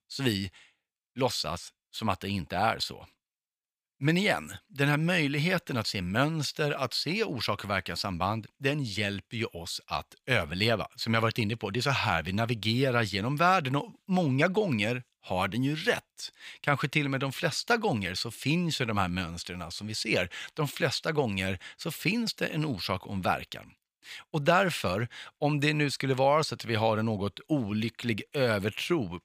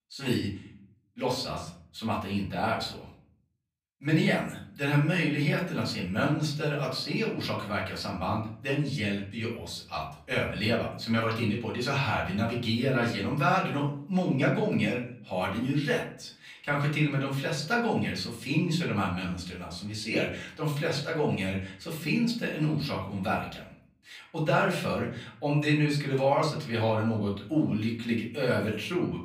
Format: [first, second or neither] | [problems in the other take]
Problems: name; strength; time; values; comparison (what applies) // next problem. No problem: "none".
first | off-mic speech; far // room echo; slight; dies away in 0.5 s